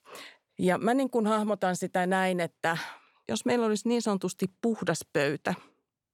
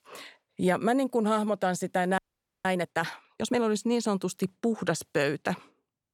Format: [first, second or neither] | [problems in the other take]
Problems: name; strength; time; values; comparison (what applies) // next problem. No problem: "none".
first | audio freezing; at 2 s